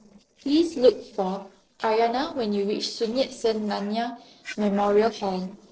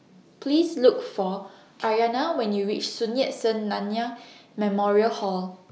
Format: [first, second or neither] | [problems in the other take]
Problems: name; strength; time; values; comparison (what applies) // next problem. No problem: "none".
second | noise reduction (neural separator model SepFormer DNS4)